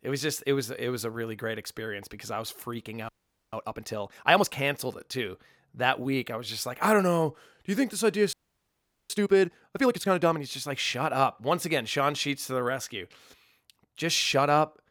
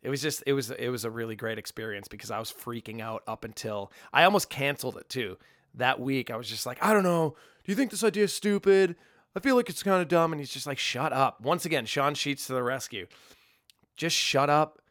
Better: second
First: audio freezing; at 3 s and at 8.5 s for 1 s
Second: none

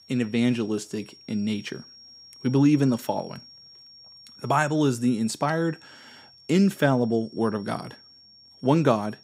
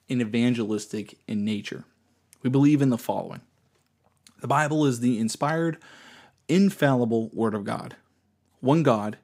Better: second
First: high-pitched whine; faint; throughout; 5.5 kHz, 25 dB below the speech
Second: none

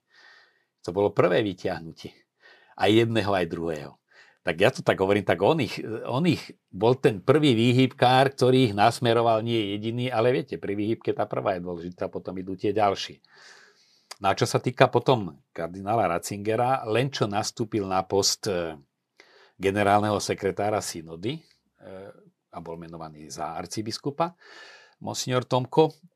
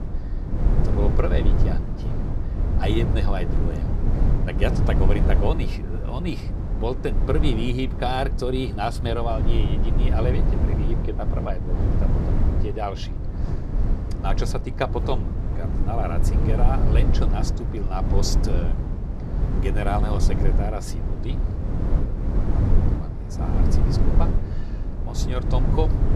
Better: first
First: none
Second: low rumble; loud; throughout; 5 dB below the speech

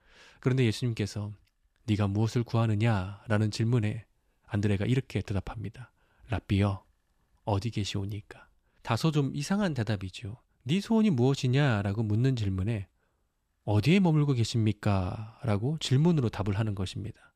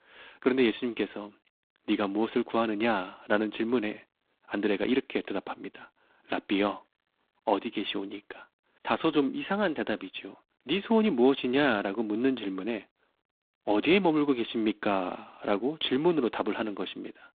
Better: first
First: none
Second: phone-call audio; poor line; nothing above 3.5 kHz

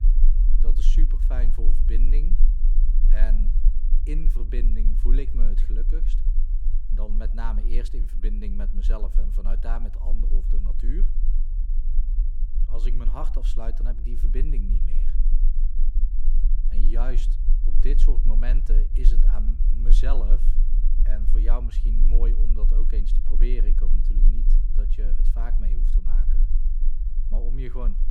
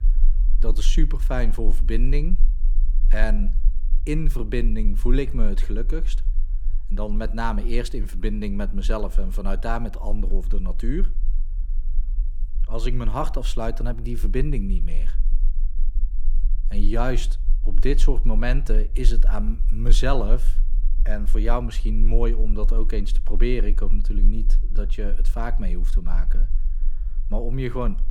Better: second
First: low rumble; loud; throughout; 9 dB below the speech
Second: low rumble; faint; throughout; 20 dB below the speech

